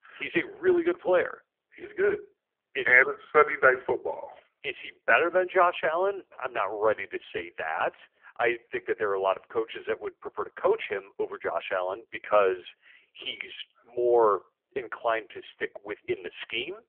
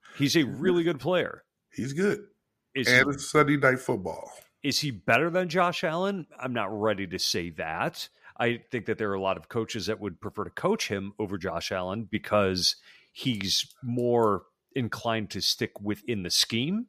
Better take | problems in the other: second | phone-call audio; poor line; nothing above 3.5 kHz

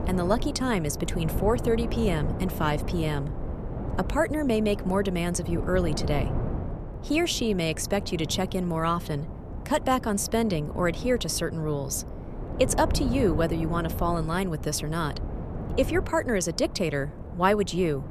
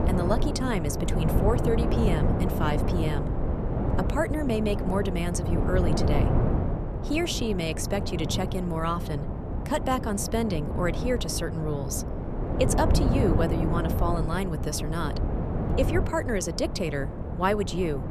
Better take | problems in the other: first | wind noise on the microphone; heavy; 4 dB below the speech; occasional gusts in the first

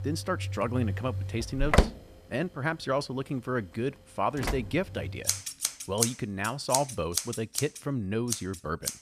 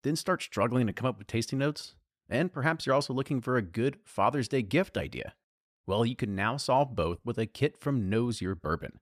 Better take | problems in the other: second | household noises; loud; throughout; as loud as the speech

